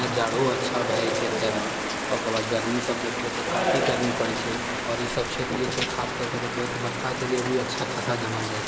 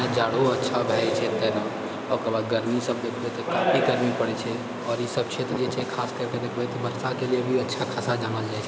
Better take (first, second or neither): second